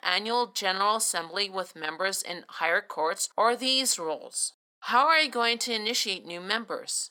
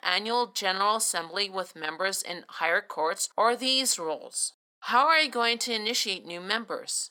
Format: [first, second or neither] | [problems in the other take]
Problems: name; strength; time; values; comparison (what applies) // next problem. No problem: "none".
neither | thin; very; fading below 650 Hz; the same in both